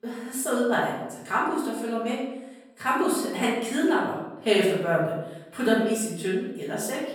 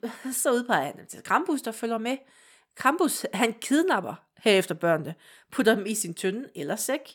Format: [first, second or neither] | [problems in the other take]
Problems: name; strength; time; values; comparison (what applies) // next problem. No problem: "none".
second | room echo; noticeable; dies away in 0.8 s // off-mic speech; far